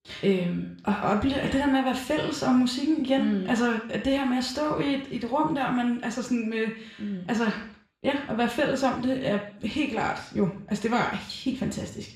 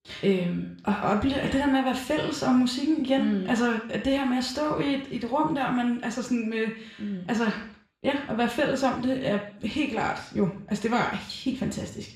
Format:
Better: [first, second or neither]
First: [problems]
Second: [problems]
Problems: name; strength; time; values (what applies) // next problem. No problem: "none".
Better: neither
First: room echo; slight; dies away in 0.5 s // off-mic speech; somewhat distant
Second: room echo; slight; dies away in 0.5 s // off-mic speech; somewhat distant